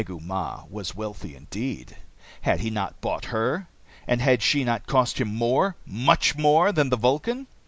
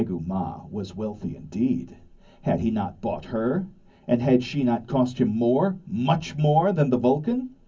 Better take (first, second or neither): first